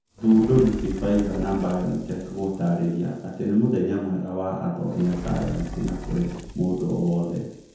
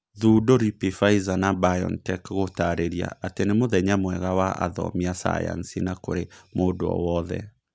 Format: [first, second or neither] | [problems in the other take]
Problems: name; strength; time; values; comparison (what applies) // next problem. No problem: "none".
second | background sound (Fire); 14 dB below the speech // room echo; dies away in 0.9 s